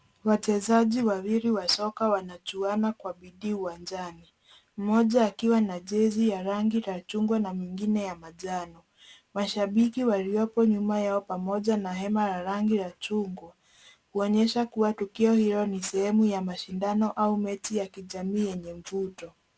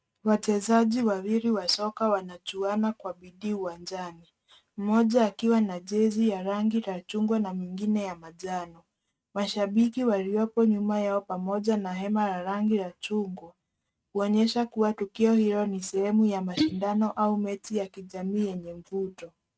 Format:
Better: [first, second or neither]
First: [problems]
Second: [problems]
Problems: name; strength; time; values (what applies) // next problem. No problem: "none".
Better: first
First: none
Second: noise reduction (neural mask model RNNoise)